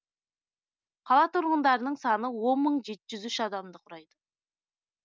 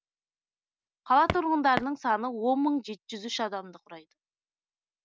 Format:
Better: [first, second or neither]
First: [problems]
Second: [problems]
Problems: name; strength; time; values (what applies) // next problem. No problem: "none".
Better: first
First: none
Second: background sound (Walk, footsteps); 4 dB below the speech